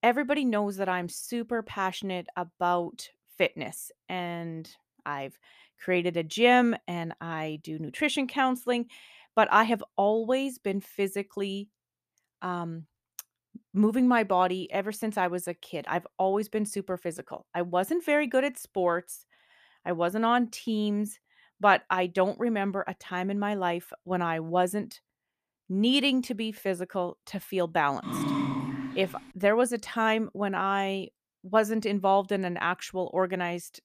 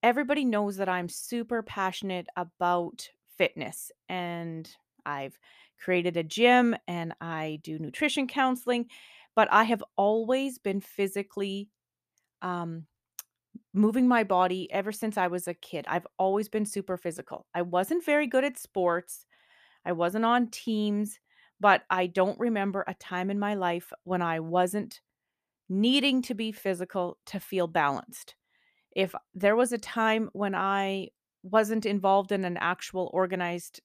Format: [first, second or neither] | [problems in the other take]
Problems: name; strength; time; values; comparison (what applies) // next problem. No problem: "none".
second | dog barking; noticeable; from 28 to 29 s; peak 1 dB below the speech